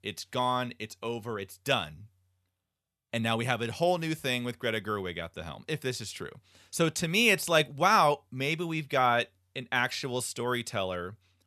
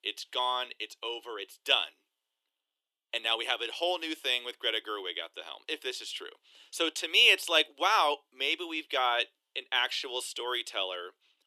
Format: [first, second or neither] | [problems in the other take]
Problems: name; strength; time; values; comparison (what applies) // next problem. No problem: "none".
first | thin; very; fading below 300 Hz